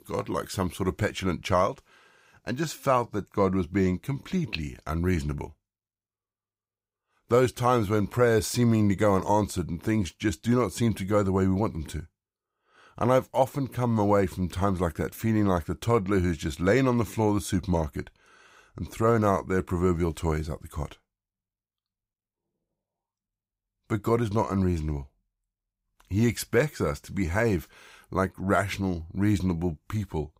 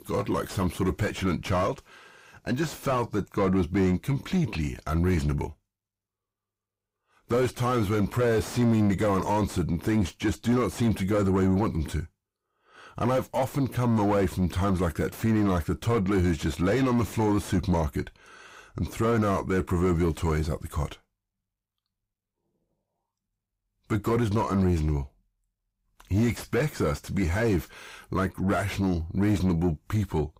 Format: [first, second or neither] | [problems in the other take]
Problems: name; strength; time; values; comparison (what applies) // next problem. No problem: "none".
first | distortion; heavy; 7 dB below the speech